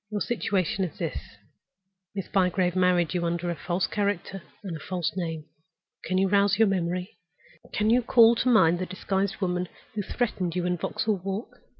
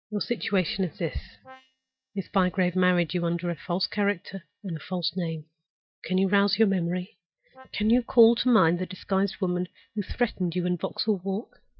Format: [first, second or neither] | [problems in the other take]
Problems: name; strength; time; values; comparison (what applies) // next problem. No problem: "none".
first | noise reduction (neural mask model DeepFilterNet 3)